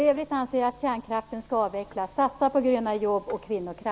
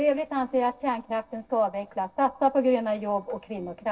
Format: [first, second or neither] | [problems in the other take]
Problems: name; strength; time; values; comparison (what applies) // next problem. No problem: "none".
first | noise reduction (neural separator model SepFormer DNS4)